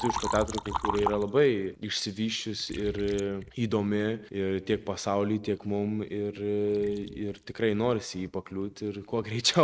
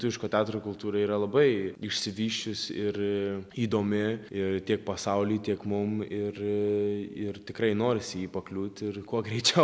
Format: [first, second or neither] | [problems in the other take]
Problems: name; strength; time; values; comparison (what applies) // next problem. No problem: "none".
second | noise reduction (neural mask model RNNoise)